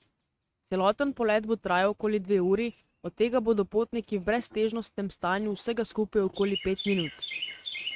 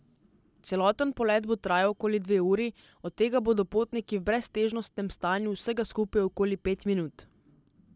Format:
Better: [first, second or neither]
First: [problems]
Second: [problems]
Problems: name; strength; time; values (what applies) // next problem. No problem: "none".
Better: second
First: noise reduction (neural mask model RNNoise)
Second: none